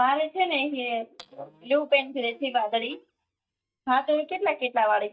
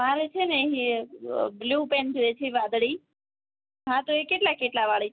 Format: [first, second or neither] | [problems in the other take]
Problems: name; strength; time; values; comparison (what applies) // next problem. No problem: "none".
second | noise reduction (neural mask model DeepFilterNet 3)